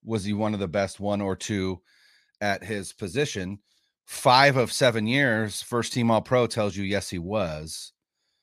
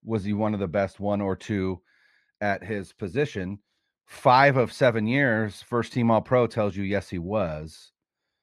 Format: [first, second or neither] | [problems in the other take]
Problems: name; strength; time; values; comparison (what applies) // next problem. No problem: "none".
first | muffled; slightly; fading above 3.5 kHz